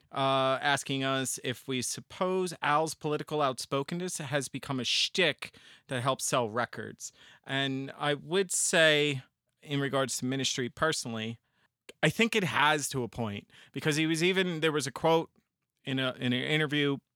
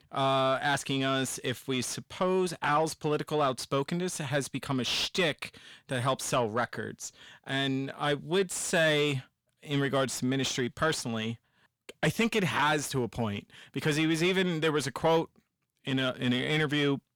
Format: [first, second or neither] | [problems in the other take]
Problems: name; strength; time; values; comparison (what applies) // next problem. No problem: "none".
first | distortion; slight; 10 dB below the speech